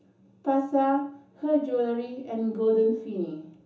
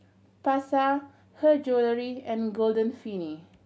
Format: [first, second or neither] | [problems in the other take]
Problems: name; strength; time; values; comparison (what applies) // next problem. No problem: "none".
second | room echo; dies away in 0.7 s